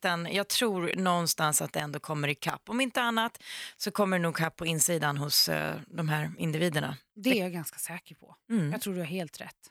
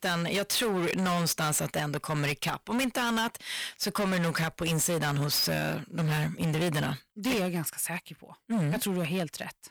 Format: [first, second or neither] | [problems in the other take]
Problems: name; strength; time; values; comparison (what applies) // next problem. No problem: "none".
first | distortion; heavy; 22% of the sound clipped